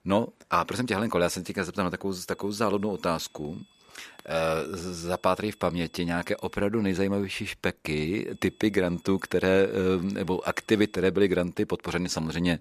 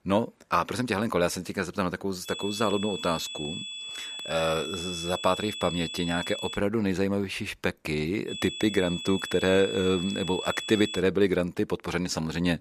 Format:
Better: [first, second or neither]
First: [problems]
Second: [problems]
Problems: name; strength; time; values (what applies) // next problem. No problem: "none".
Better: first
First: high-pitched whine; faint; from 2.5 to 6.5 s and from 8.5 to 11 s; 3.5 kHz, 30 dB below the speech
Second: high-pitched whine; loud; from 2.5 to 6.5 s and from 8.5 to 11 s; 3.5 kHz, 7 dB below the speech